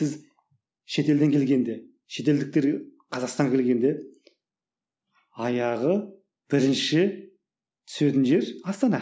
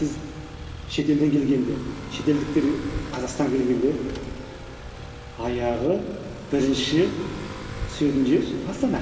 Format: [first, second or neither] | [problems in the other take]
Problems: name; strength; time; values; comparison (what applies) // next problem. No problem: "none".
first | background sound (Motorcycle / Accelerating, revving, vroom); 11 dB below the speech // room echo; dies away in 2.8 s